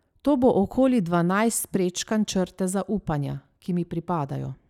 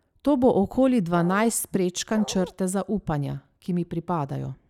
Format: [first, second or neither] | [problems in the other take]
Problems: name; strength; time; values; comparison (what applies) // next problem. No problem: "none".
first | background sound (Bark); 14 dB below the speech